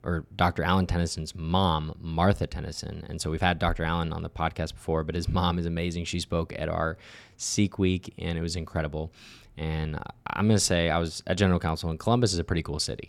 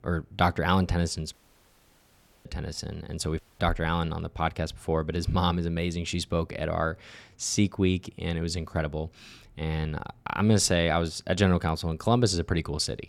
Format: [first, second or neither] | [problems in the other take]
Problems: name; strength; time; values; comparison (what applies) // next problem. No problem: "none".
first | audio cutting out; at 1.5 s for 1 s and at 3.5 s